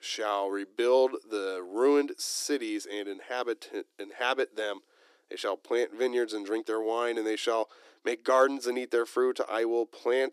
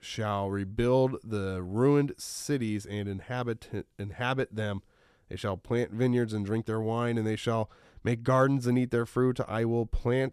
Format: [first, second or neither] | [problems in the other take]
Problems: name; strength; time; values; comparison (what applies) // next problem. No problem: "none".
second | thin; somewhat; fading below 300 Hz